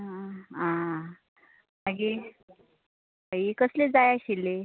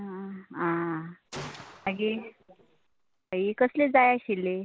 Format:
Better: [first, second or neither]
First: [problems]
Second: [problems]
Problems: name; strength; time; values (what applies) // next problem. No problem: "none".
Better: first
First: none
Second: background sound (Gunshot, gunfire); 18 dB below the speech